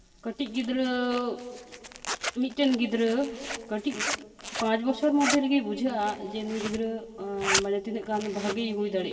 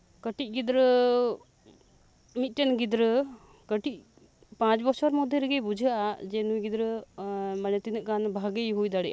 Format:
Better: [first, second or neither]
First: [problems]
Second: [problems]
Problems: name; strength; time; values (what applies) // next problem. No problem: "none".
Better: second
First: background sound (Zipper (clothing)); 8 dB below the speech // room echo; dies away in 2.4 s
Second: none